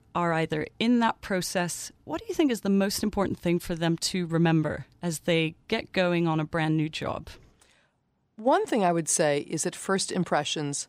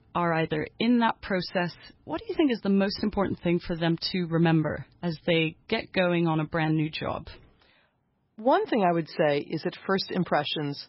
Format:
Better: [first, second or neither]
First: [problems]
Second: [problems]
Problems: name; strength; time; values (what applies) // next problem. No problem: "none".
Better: first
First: none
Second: garbled, watery; badly; nothing above 5.5 kHz